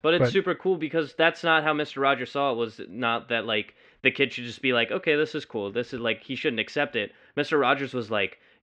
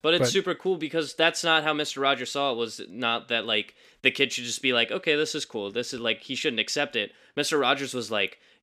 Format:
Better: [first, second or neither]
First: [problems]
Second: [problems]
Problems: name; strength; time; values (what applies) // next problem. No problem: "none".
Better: second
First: muffled; very; fading above 2 kHz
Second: none